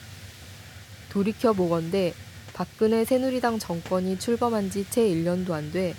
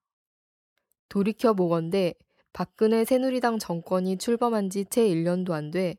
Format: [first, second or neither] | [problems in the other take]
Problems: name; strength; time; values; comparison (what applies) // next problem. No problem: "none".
second | hiss; noticeable; throughout; 15 dB below the speech